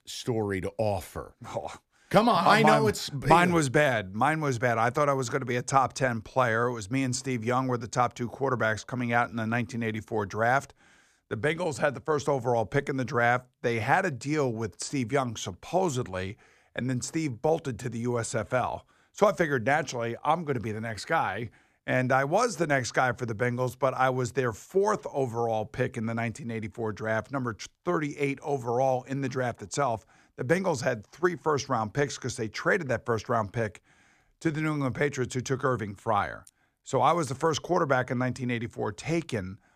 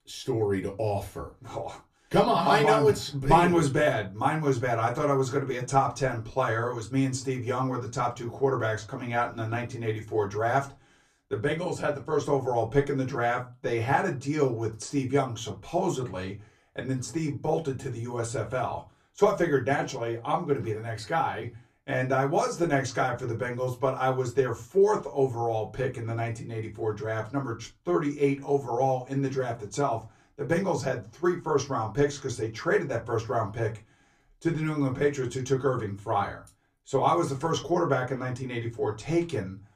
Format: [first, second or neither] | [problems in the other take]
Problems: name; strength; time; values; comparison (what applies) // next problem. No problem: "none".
first | off-mic speech; far // room echo; very slight; dies away in 0.2 s